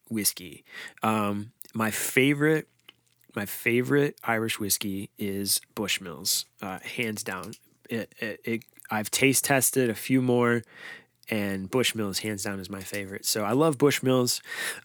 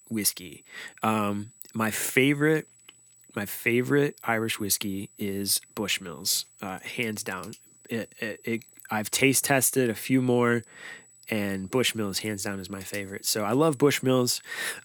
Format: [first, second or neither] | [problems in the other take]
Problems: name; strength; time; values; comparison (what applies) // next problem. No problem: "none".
first | high-pitched whine; faint; throughout; 8 kHz, 25 dB below the speech